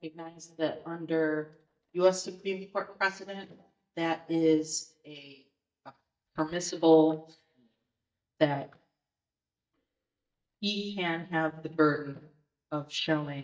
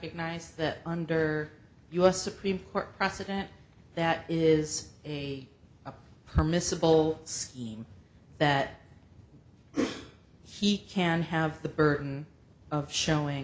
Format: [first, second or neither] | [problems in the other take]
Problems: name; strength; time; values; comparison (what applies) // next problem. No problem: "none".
second | noise reduction (neural mask model DeepFilterNet 3)